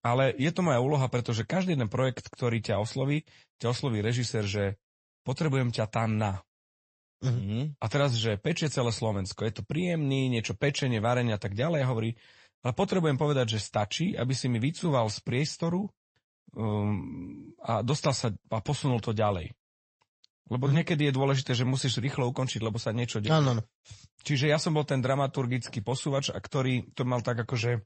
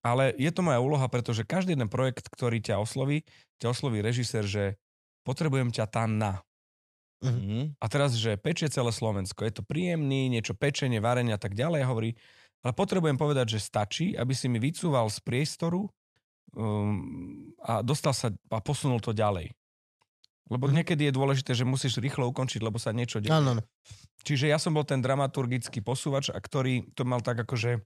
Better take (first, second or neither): second